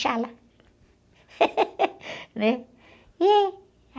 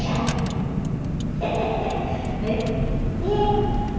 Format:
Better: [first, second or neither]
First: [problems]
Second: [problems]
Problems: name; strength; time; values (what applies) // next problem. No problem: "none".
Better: first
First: none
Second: background sound (Car); 3 dB above the speech // room echo; dies away in 1.9 s